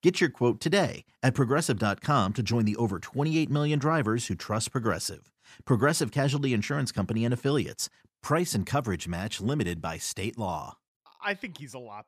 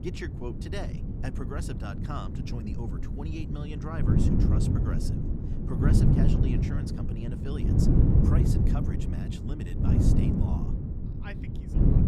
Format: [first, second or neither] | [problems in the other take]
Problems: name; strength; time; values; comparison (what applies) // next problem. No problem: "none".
first | wind noise on the microphone; heavy; 4 dB above the speech